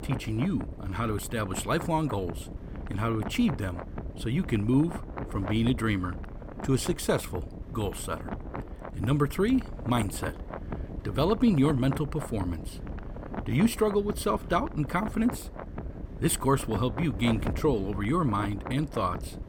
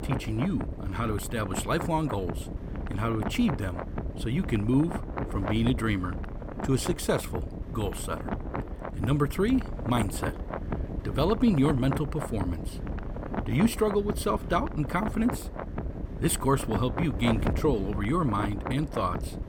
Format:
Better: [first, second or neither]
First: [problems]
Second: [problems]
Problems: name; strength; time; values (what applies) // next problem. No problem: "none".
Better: first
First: wind noise on the microphone; occasional gusts; 10 dB below the speech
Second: wind noise on the microphone; heavy; 7 dB below the speech